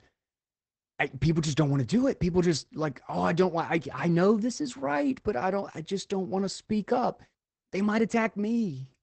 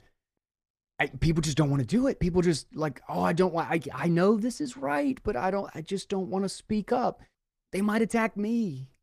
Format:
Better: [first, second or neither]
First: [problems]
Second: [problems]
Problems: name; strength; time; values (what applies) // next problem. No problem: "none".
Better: second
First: garbled, watery; badly; nothing above 8 kHz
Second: garbled, watery; slightly; nothing above 14.5 kHz